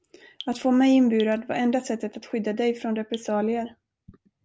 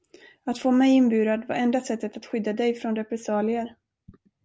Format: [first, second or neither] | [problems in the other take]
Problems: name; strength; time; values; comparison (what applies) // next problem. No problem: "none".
second | background sound (Drip); 20 dB below the speech